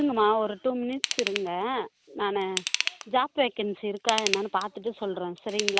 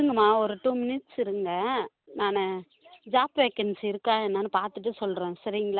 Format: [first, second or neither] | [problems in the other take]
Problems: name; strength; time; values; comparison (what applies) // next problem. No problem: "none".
second | background sound (Ratchet, pawl / Tools); 7 dB below the speech